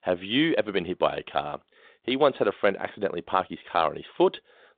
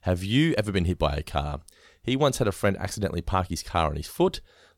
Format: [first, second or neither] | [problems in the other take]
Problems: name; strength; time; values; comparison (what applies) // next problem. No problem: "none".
second | phone-call audio; nothing above 3.5 kHz